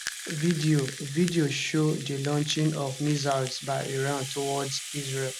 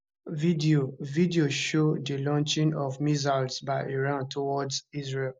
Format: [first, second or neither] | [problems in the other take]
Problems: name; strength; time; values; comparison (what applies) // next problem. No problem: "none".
second | background sound (Rattle (instrument)); 11 dB below the speech